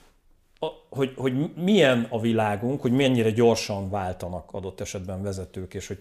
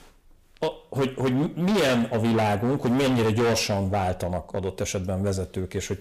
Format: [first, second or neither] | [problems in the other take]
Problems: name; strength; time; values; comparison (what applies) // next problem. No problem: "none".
first | distortion; heavy; 18% of the sound clipped